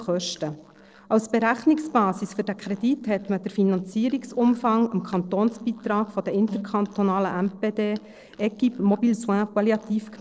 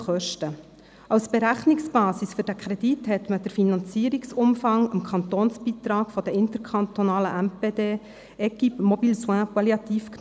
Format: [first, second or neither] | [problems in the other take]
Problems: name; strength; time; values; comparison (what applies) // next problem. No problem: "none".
second | noise reduction (neural separator model SepFormer DNS4)